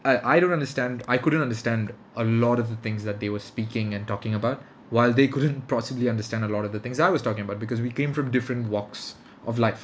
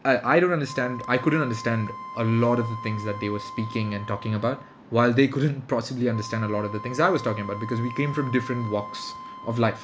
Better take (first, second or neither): first